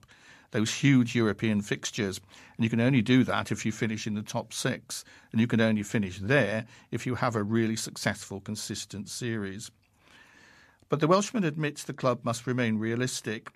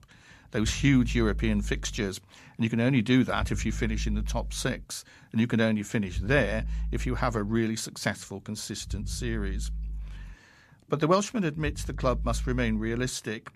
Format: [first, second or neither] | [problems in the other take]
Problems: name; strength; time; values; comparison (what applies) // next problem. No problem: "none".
first | low rumble; faint; throughout; 25 dB below the speech